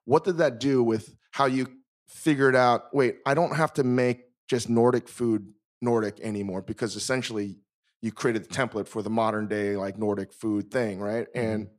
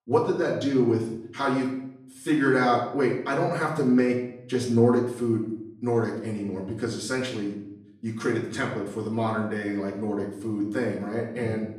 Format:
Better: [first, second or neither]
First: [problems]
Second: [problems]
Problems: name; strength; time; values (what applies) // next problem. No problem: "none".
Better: first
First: none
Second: off-mic speech; far // room echo; noticeable; dies away in 0.6 s